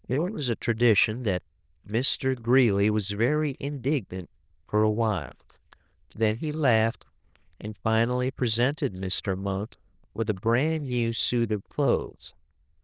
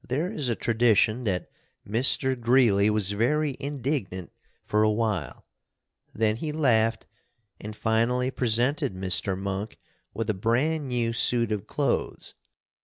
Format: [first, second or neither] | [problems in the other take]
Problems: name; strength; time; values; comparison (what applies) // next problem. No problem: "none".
second | noise reduction (neural diffusion model UNIVERSE++)